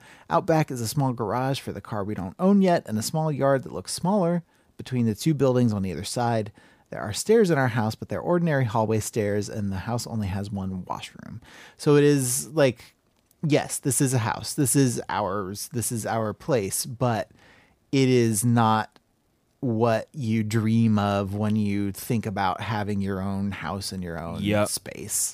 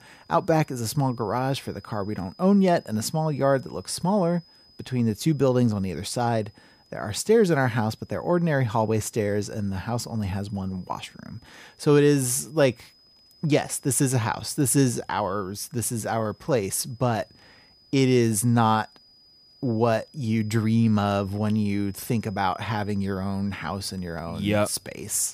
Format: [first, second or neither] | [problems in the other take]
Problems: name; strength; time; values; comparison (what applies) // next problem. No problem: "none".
first | high-pitched whine; faint; throughout; 5 kHz, 30 dB below the speech